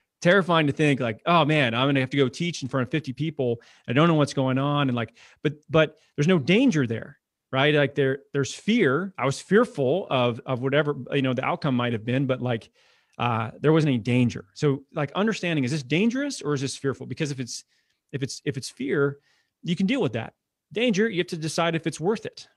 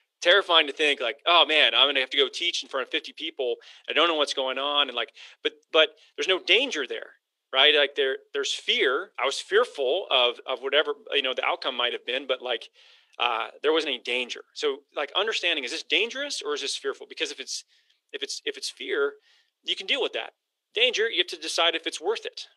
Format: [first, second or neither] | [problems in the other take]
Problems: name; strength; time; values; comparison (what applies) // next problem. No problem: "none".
first | thin; very; fading below 350 Hz